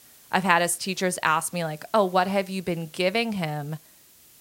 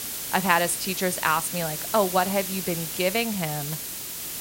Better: first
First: hiss; faint; throughout; 25 dB below the speech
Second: hiss; loud; throughout; 4 dB below the speech

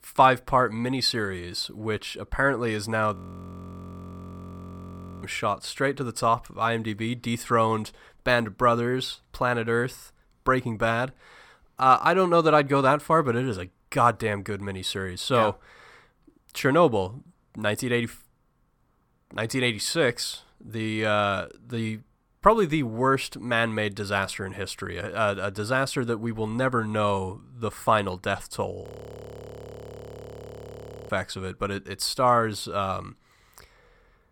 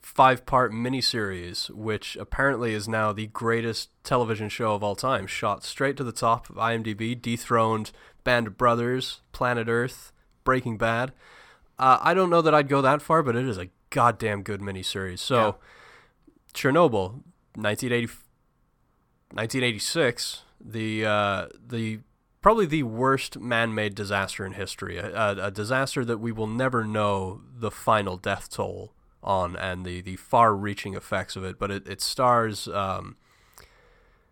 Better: second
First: audio freezing; at 3 s for 2 s and at 29 s for 2.5 s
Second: none

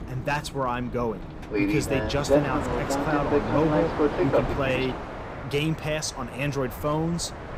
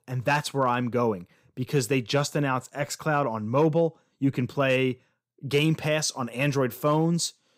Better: second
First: train or aircraft noise; very loud; throughout; 1 dB above the speech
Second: none

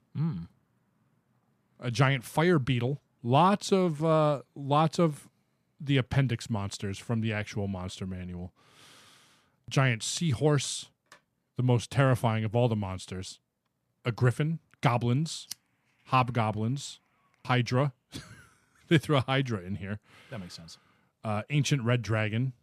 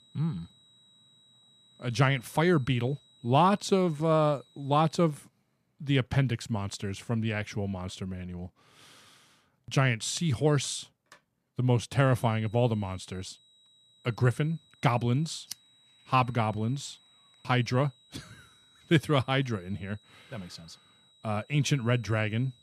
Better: first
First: none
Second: high-pitched whine; faint; until 5 s and from 12 s on; 4 kHz, 30 dB below the speech

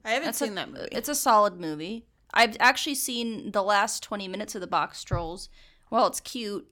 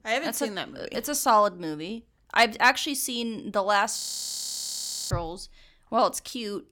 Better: first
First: none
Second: audio freezing; at 4 s for 1 s

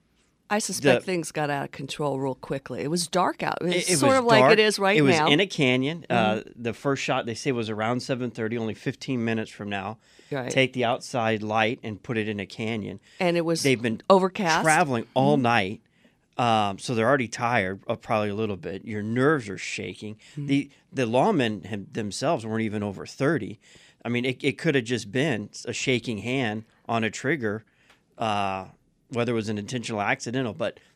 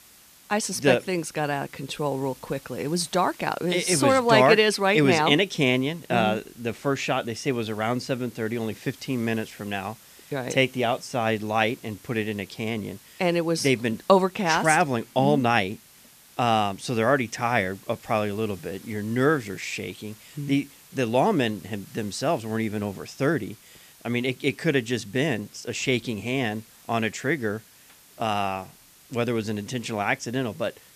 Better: first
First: none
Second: hiss; faint; throughout; 25 dB below the speech

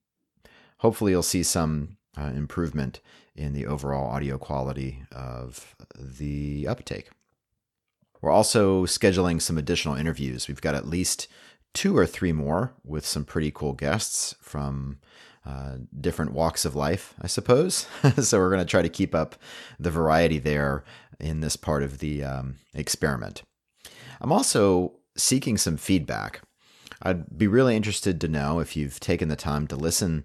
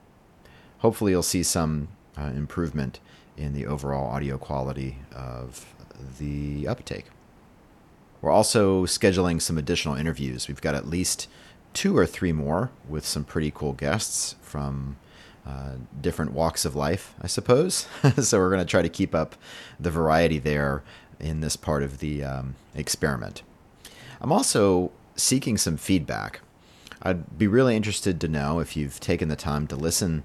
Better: first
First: none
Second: hiss; faint; throughout; 30 dB below the speech

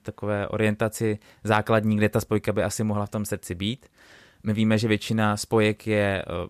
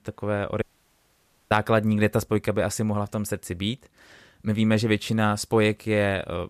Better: first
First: none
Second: audio cutting out; at 0.5 s for 1 s

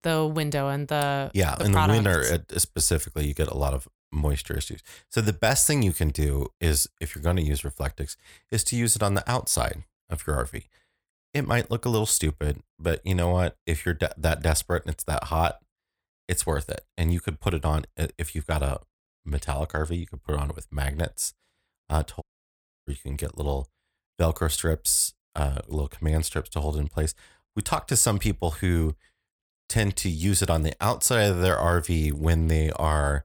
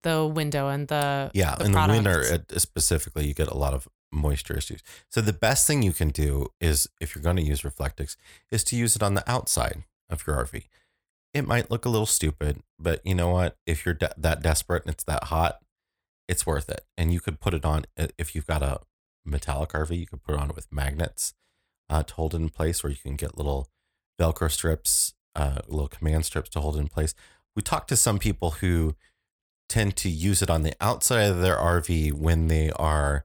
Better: second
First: audio cutting out; at 22 s for 0.5 s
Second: none

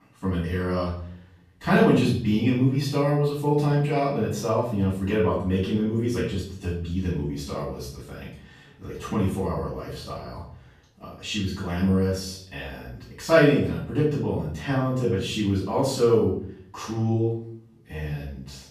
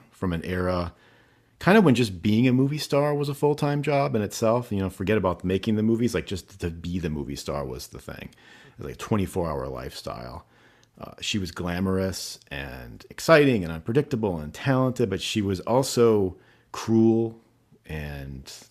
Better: second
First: off-mic speech; far // room echo; noticeable; dies away in 0.6 s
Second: none

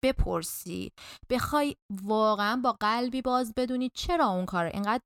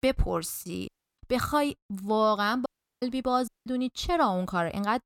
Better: first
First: none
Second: audio cutting out; at 1 s, at 2.5 s and at 3.5 s

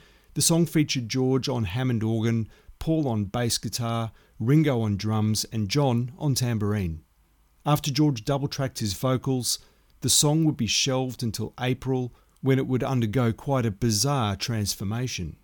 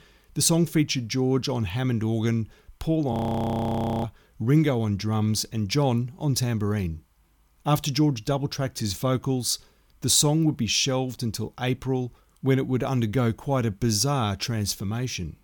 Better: first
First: none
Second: audio freezing; at 3 s for 1 s

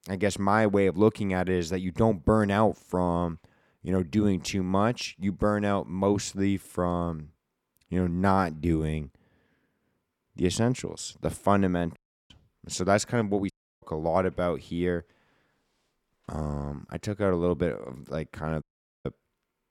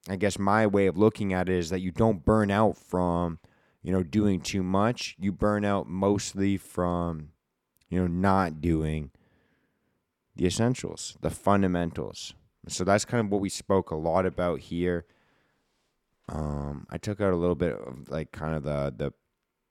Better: second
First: audio cutting out; at 12 s, at 14 s and at 19 s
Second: none

